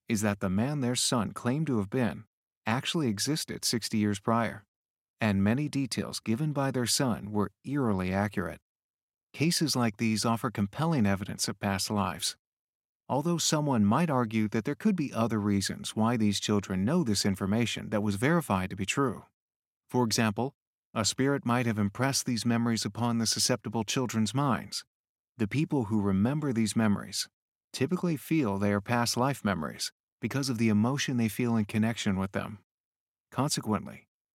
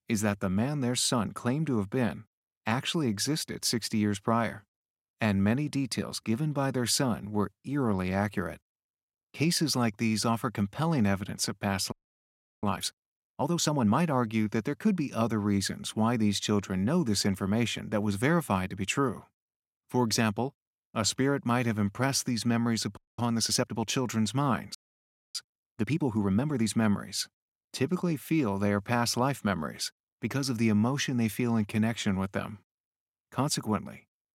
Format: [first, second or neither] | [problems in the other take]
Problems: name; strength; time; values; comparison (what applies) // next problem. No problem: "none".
first | audio freezing; at 12 s for 0.5 s, at 23 s and at 25 s for 0.5 s